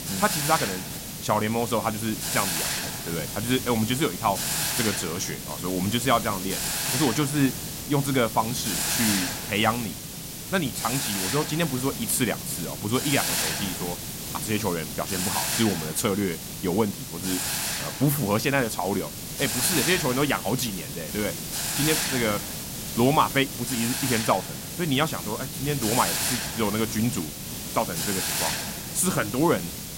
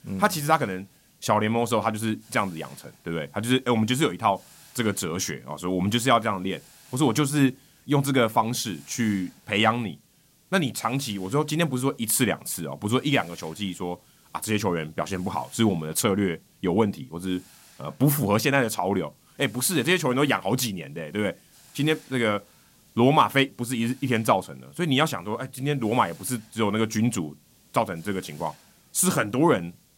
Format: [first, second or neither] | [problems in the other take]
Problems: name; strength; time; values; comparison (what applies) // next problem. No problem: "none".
second | hiss; loud; throughout; 2 dB below the speech; faint in the second